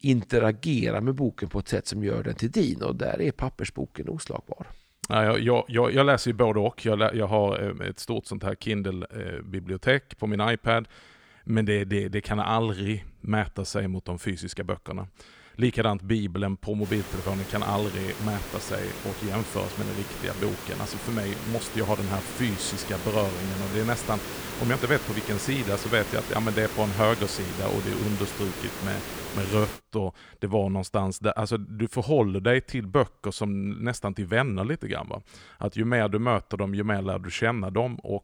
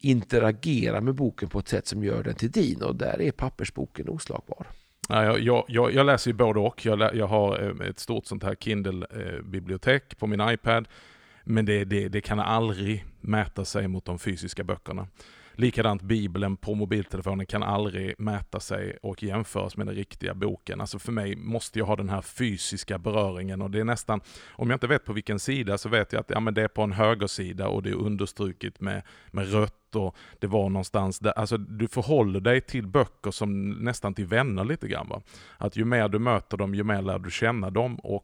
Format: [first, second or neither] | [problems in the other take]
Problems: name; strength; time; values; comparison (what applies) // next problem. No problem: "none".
second | hiss; loud; from 17 to 30 s; 8 dB below the speech